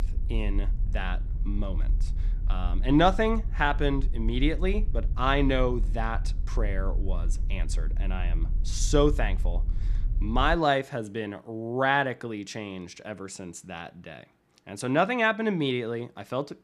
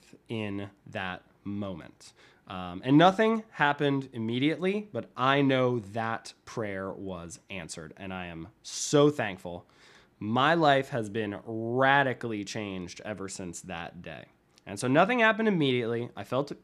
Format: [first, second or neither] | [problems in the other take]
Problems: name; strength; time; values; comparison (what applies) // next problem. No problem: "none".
second | low rumble; faint; until 11 s; 25 dB below the speech